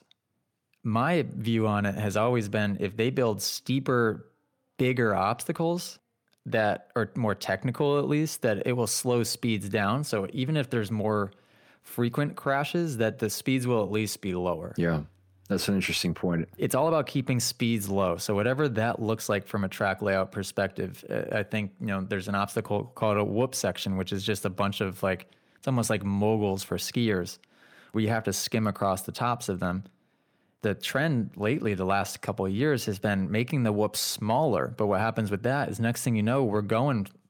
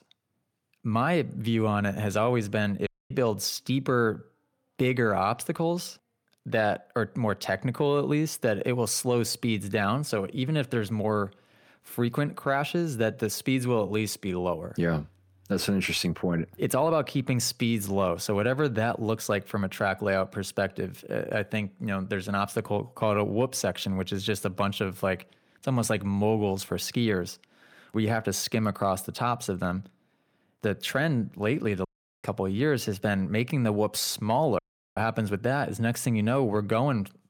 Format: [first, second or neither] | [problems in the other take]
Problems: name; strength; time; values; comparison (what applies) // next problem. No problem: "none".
first | audio cutting out; at 3 s, at 32 s and at 35 s